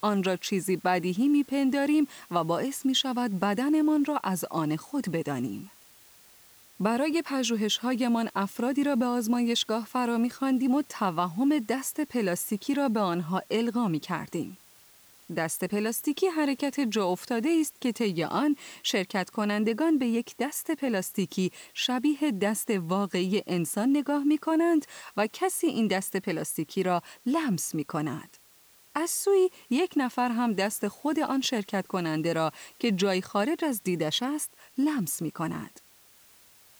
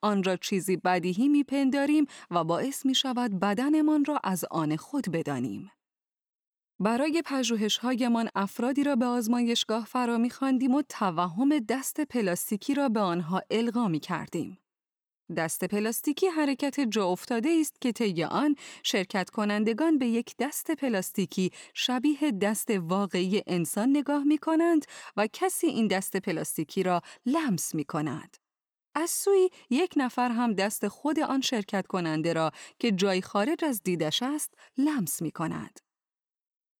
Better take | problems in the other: second | hiss; faint; throughout; 25 dB below the speech

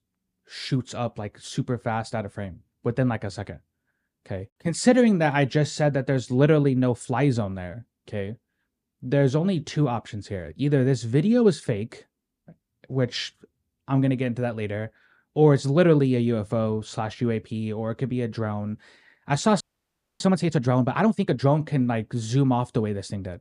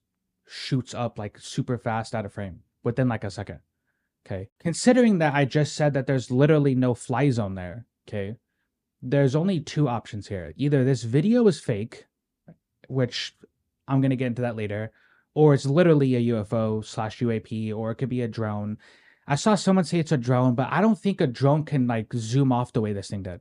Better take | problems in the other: second | audio freezing; at 20 s for 0.5 s

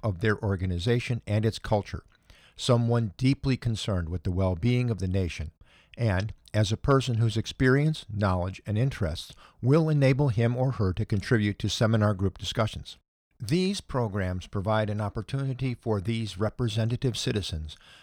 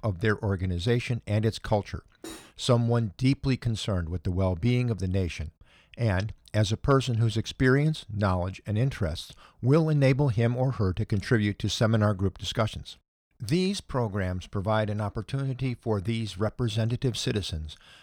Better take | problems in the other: first | clattering dishes; faint; at 2 s; peak 15 dB below the speech

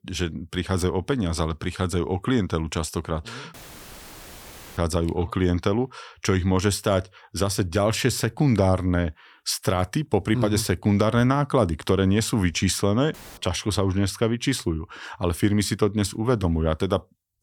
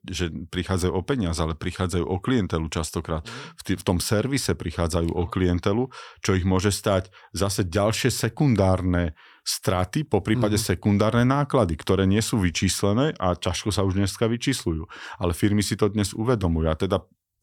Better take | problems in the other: second | audio cutting out; filled with static; at 3.5 s for 1 s and at 13 s

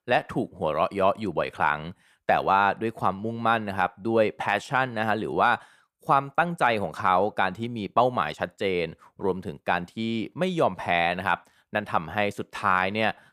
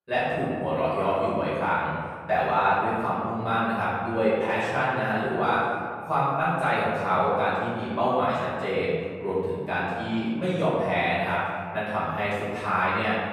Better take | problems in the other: first | room echo; strong; dies away in 1.9 s // off-mic speech; far

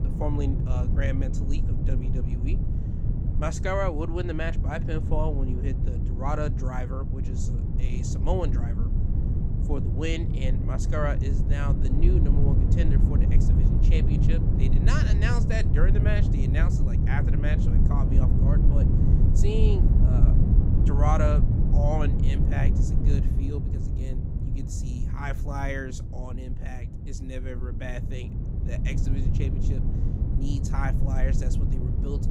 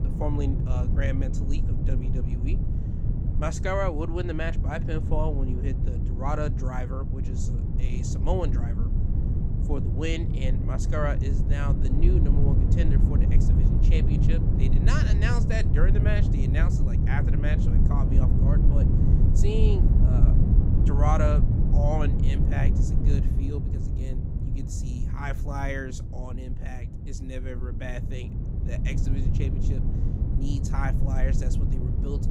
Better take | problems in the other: neither | low rumble; loud; throughout; 3 dB below the speech; the same in both

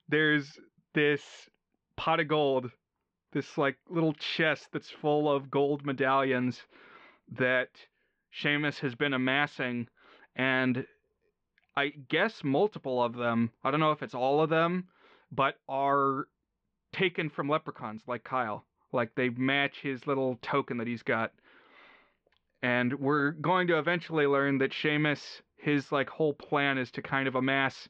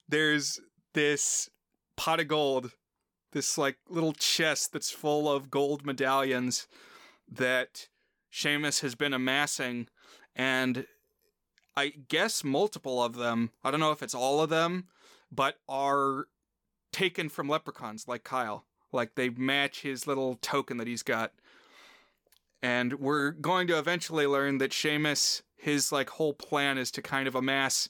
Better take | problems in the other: second | muffled; very; fading above 3 kHz

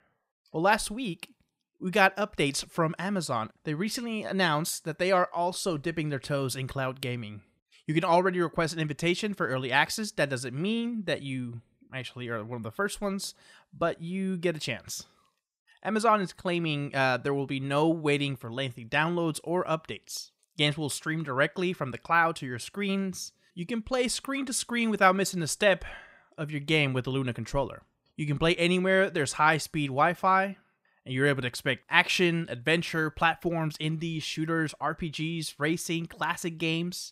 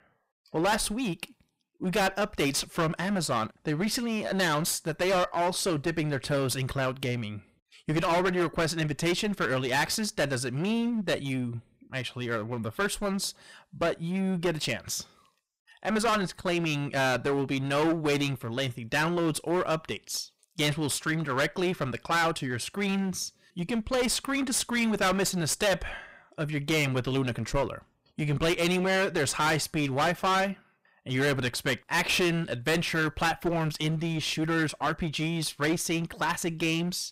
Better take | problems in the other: first | distortion; heavy; 15% of the sound clipped

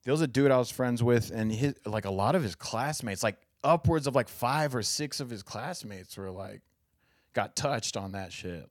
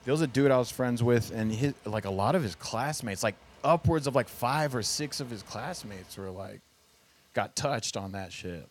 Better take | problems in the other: first | rain or running water; faint; throughout; 25 dB below the speech

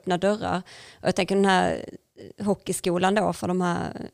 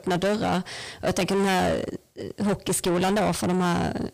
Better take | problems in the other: first | distortion; heavy; 6 dB below the speech

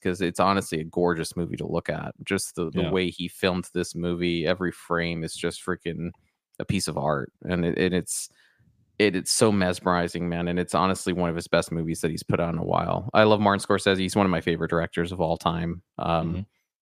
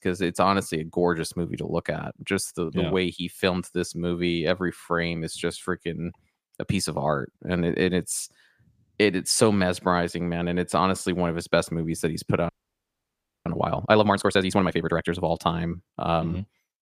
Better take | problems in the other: first | audio freezing; at 12 s for 1 s

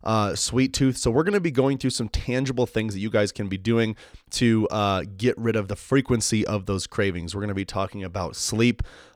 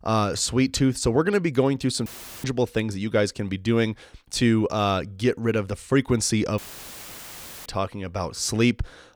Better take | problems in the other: first | audio cutting out; filled with static; at 2 s and at 6.5 s for 1 s

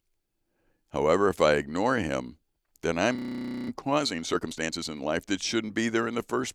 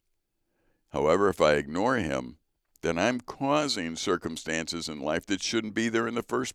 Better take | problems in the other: second | audio freezing; at 3 s for 0.5 s

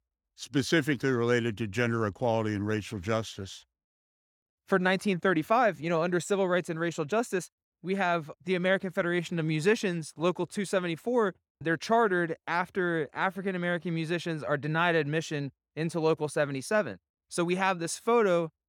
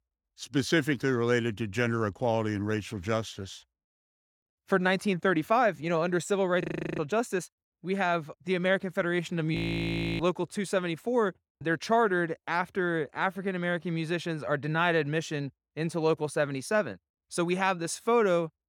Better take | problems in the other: first | audio freezing; at 6.5 s and at 9.5 s for 0.5 s

